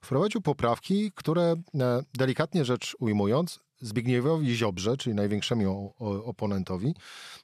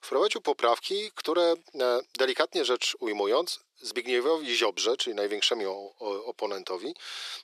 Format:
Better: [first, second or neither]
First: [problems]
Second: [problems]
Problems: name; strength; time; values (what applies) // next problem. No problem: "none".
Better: first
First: none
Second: thin; very; fading below 350 Hz